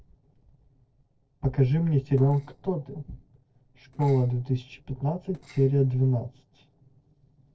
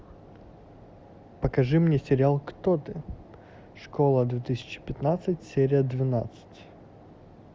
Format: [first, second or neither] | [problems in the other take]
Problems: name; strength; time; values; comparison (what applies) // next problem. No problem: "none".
second | noise reduction (neural separator model SepFormer DNS4)